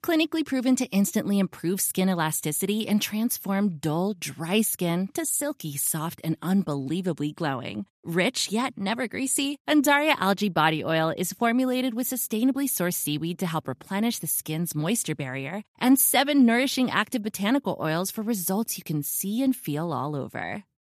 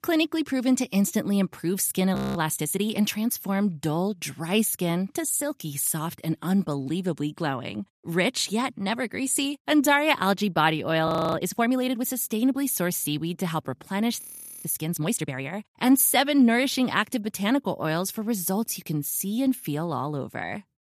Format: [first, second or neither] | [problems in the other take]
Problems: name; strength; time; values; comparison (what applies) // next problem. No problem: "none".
first | audio freezing; at 2 s, at 11 s and at 14 s